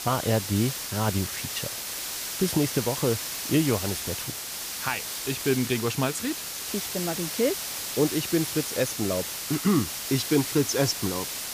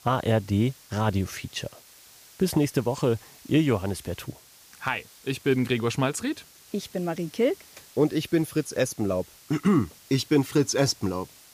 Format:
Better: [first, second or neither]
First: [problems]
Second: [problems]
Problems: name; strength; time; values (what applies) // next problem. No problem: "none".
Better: second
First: hiss; loud; throughout; 3 dB below the speech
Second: hiss; faint; throughout; 25 dB below the speech